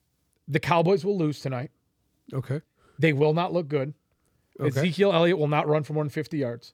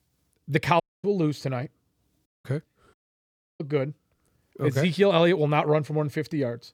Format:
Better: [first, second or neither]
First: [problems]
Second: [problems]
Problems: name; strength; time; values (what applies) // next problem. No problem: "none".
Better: first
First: none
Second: audio cutting out; at 1 s, at 2.5 s and at 3 s for 0.5 s